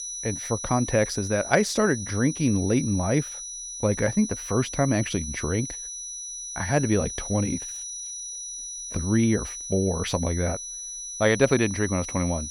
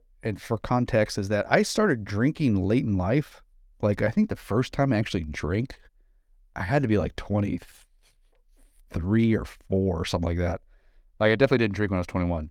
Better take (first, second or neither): second